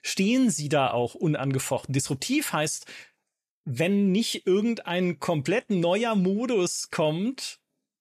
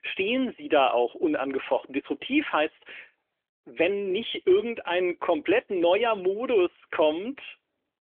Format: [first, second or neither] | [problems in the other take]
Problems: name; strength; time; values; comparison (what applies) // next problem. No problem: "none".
first | phone-call audio; nothing above 3.5 kHz